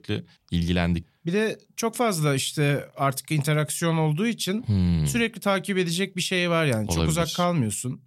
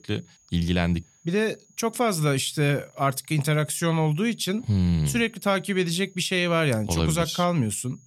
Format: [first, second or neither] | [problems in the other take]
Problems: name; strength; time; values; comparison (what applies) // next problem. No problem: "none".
first | high-pitched whine; faint; throughout; 6.5 kHz, 30 dB below the speech